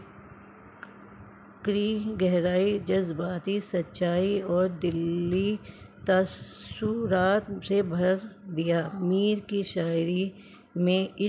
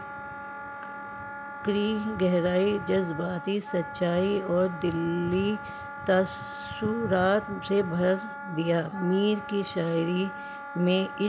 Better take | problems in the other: first | background sound (Wind instrument, woodwind instrument); 11 dB below the speech

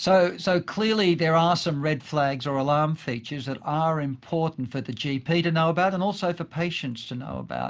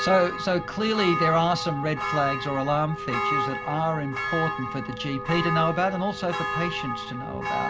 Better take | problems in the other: first | background sound (Church bell); 3 dB below the speech

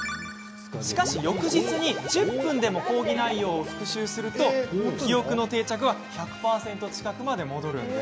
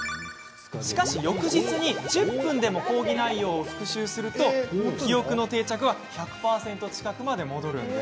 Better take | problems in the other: second | background sound (Wind instrument, woodwind instrument); 18 dB below the speech

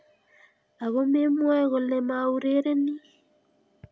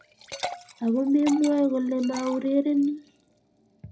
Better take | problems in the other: first | background sound (Liquid); 16 dB below the speech // room echo; dies away in 0.4 s

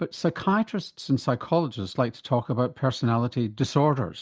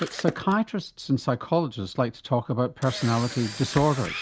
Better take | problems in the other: first | background sound (Camera); 13 dB below the speech

